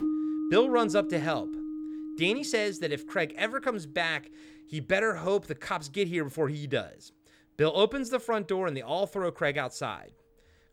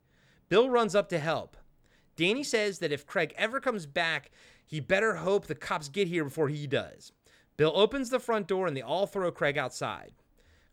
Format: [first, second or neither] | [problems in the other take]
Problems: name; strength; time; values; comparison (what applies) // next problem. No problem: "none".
second | background music; loud; throughout; 7 dB below the speech